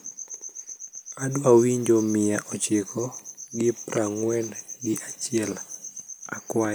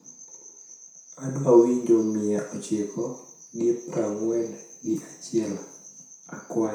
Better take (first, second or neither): first